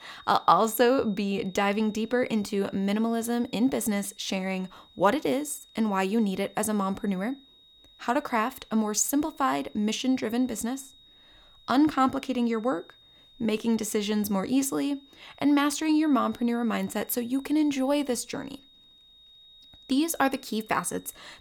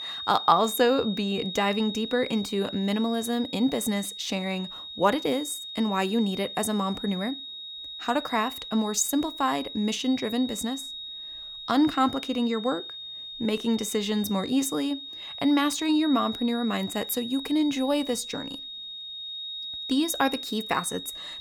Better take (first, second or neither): first